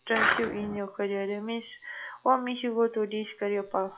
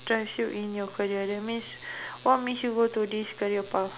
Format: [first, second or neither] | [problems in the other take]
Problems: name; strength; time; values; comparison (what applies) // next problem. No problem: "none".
second | noise reduction (classical method log-MMSE)